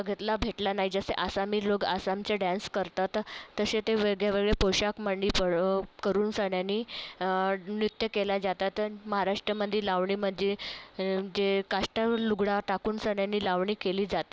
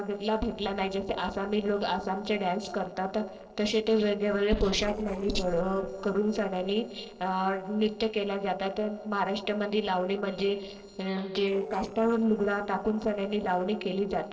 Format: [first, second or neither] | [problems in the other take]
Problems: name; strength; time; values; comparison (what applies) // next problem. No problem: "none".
first | noise reduction (neural separator model SepFormer DNS4)